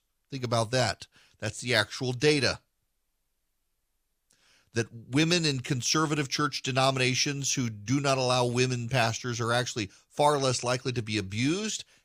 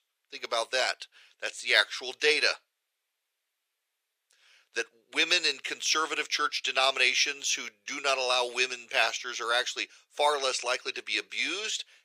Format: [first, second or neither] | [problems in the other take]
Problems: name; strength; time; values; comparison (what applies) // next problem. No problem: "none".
first | thin; very; fading below 450 Hz